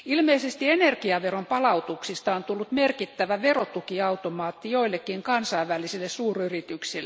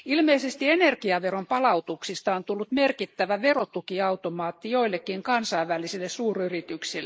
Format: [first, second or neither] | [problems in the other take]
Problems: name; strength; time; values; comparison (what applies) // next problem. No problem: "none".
first | noise reduction (neural mask model Resemble Enhance denoiser)